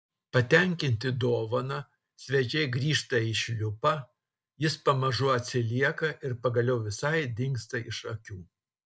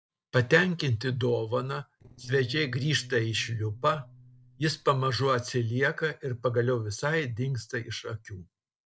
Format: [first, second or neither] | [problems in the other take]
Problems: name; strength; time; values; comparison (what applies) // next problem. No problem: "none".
first | noise reduction (neural separator model SepFormer DNS4)